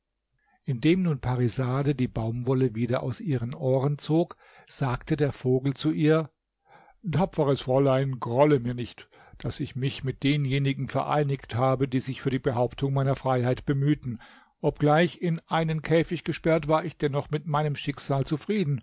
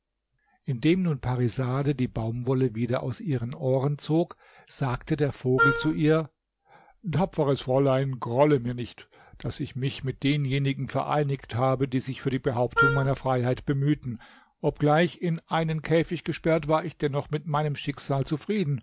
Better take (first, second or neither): first